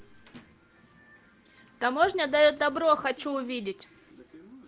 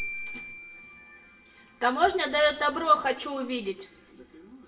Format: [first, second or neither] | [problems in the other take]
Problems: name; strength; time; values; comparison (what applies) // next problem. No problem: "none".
first | background sound (Marimba, xylophone); 17 dB below the speech // room echo; dies away in 0.5 s